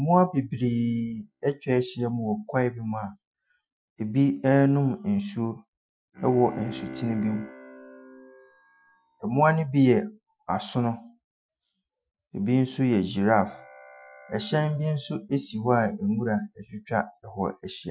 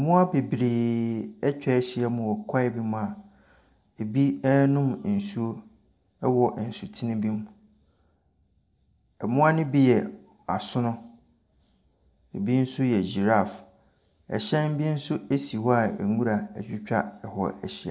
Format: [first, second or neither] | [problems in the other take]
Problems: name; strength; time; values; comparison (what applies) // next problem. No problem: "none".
second | noise reduction (classical method Wiener filter)